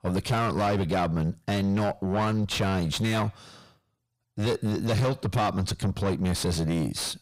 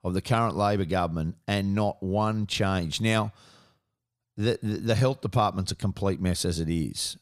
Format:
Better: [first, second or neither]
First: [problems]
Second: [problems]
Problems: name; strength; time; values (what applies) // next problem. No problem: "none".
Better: second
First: distortion; heavy; 6 dB below the speech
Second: none